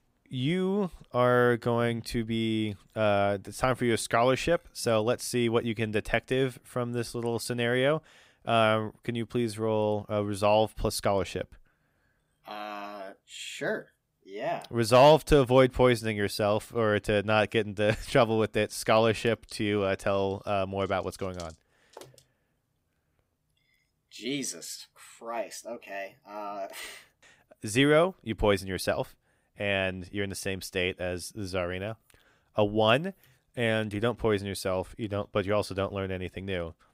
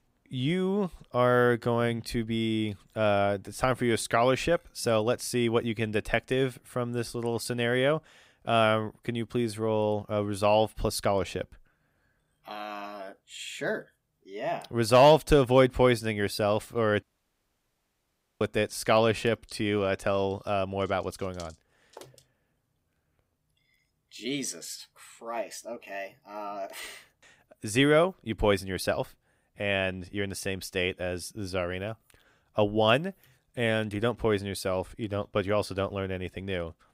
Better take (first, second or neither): first